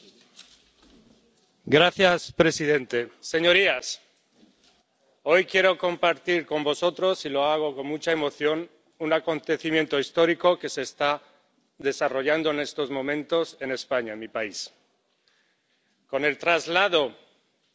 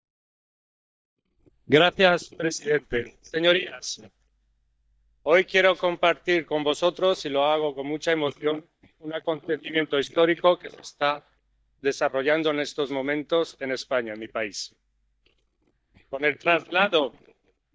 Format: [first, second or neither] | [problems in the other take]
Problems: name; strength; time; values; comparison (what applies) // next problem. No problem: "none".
first | noise reduction (neural mask model DeepFilterNet 3)